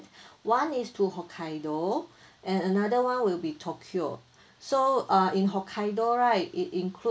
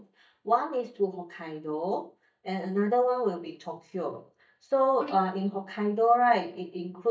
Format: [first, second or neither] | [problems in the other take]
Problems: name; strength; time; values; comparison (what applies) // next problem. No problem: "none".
first | noise reduction (neural mask model DeepFilterNet 3)